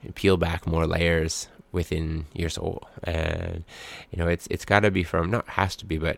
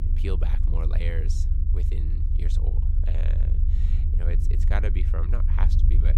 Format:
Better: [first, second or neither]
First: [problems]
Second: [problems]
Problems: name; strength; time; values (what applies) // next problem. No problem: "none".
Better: first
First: none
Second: low rumble; loud; throughout; 4 dB below the speech